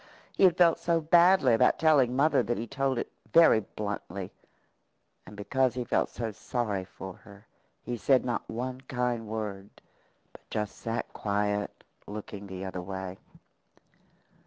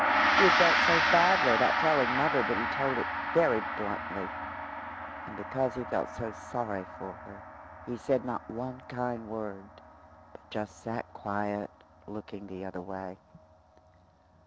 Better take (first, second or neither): first